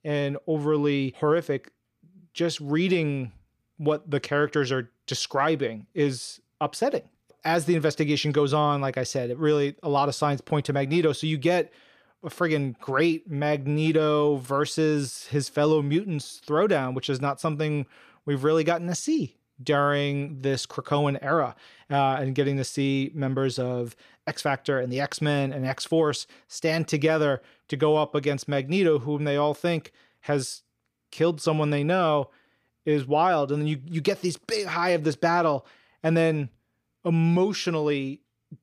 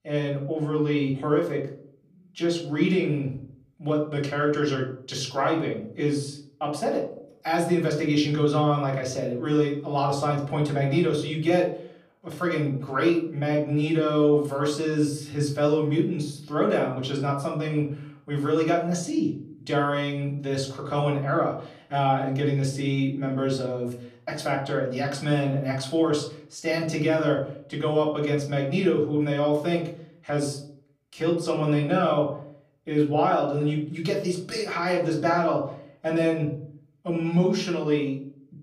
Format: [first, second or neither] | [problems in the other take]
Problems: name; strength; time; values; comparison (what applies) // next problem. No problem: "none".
first | off-mic speech; far // room echo; slight; dies away in 0.5 s